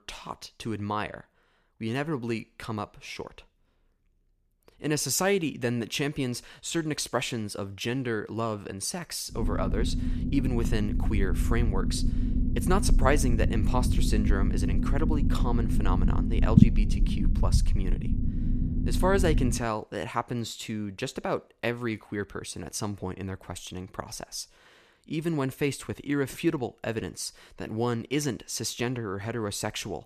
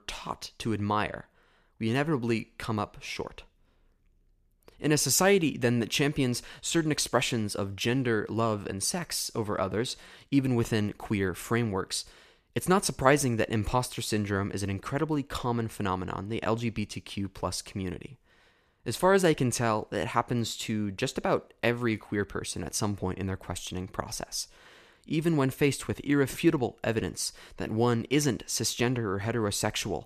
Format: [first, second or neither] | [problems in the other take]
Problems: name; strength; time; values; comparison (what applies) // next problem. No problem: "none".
second | low rumble; loud; from 9.5 to 20 s; 6 dB below the speech